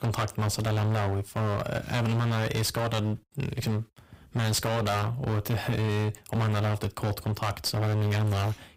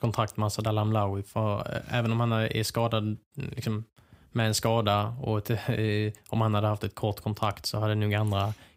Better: second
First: distortion; heavy; 24% of the sound clipped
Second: none

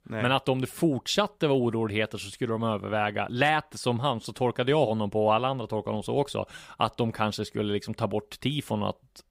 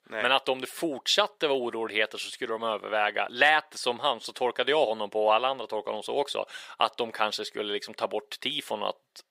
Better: first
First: none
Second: thin; very; fading below 500 Hz

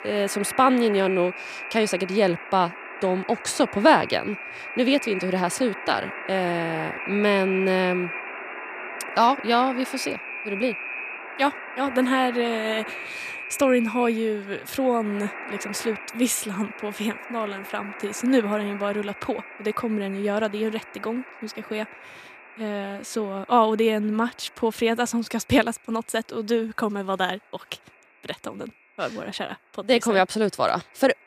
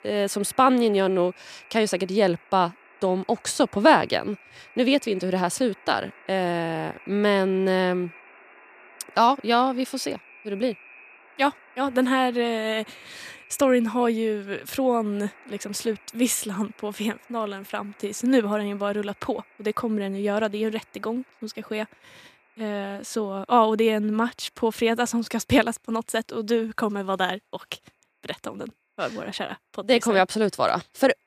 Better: second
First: alarms or sirens; loud; throughout; 10 dB below the speech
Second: alarms or sirens; faint; throughout; 25 dB below the speech

